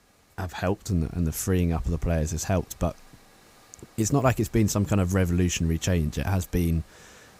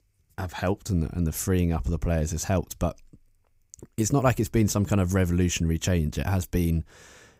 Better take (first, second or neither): second